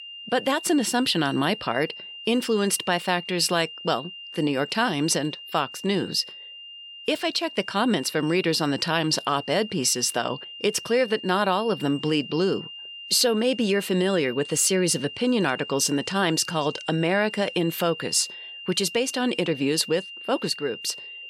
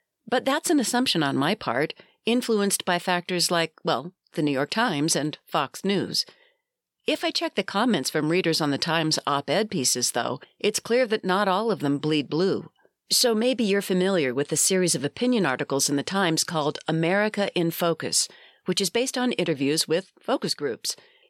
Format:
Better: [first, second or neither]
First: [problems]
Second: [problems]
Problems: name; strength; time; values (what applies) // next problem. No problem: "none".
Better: second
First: high-pitched whine; noticeable; throughout; 3 kHz, 15 dB below the speech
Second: none